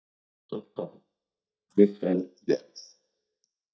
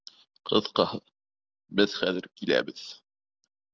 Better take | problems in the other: second | noise reduction (neural mask model DeepFilterNet 3)

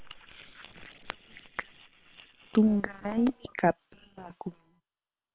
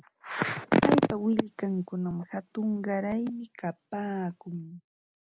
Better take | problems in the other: second | noise reduction (neural separator model SepFormer WHAM!)

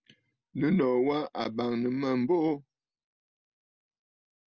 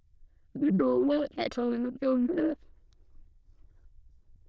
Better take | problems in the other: first | noise reduction (neural diffusion model UNIVERSE++)

